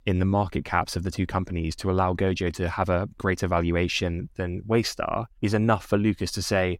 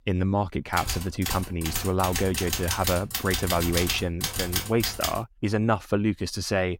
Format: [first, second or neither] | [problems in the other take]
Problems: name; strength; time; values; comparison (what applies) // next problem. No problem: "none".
first | keyboard typing; noticeable; from 1 to 5 s; peak level with the speech